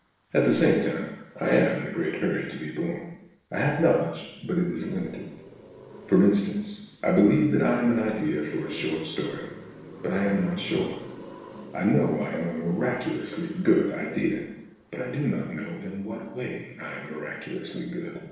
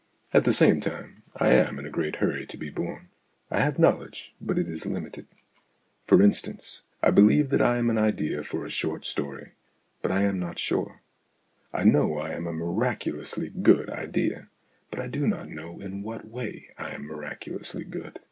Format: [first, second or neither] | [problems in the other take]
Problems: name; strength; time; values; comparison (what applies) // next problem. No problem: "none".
second | noise reduction (neural separator model SepFormer DNS4)